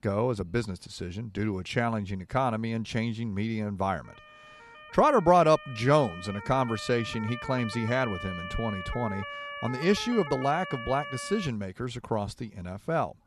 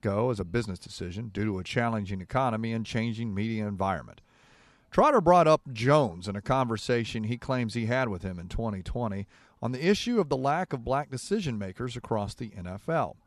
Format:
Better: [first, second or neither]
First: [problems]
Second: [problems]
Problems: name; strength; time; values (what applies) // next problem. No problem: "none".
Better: second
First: siren; noticeable; from 4 to 11 s; peak 9 dB below the speech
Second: none